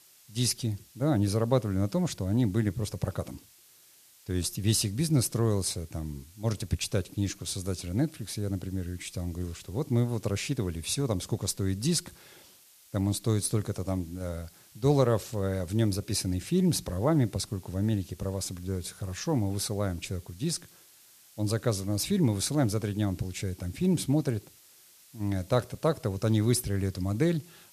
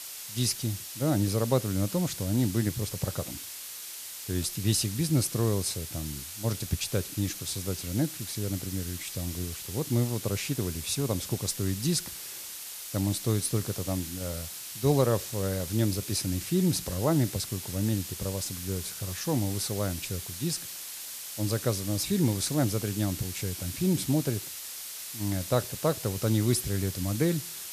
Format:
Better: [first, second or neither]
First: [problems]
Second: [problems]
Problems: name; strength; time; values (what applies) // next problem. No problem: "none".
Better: first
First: hiss; faint; throughout; 25 dB below the speech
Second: hiss; loud; throughout; 7 dB below the speech